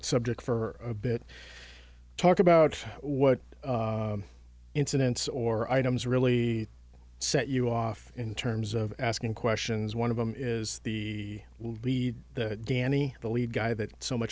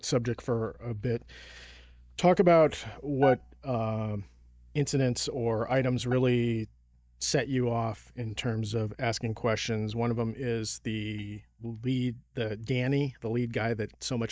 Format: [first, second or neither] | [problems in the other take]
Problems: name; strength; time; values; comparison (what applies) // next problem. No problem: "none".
first | noise reduction (neural mask model DeepFilterNet 3)